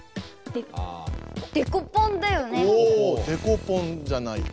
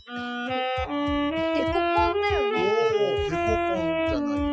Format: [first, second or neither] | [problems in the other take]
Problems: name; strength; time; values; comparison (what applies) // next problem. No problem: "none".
first | noise reduction (classical method Wiener filter)